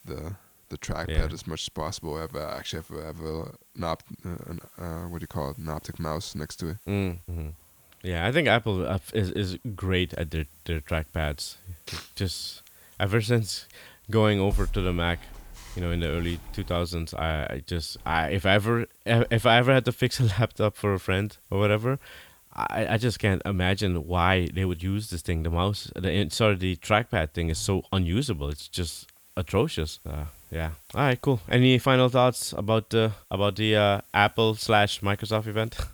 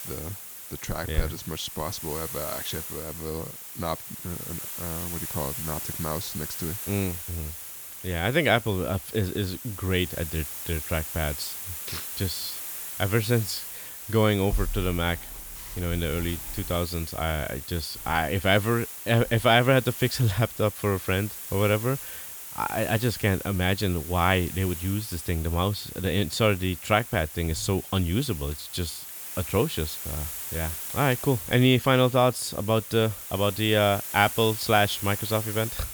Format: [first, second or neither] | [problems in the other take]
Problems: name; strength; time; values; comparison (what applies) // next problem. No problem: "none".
first | hiss; loud; throughout; 8 dB below the speech; faint in the first